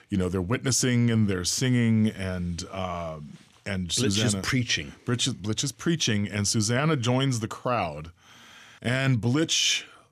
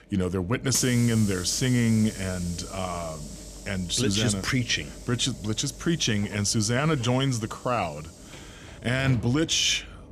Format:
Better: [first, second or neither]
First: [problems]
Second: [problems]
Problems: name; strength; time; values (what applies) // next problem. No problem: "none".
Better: first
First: none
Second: hiss; noticeable; throughout; 15 dB below the speech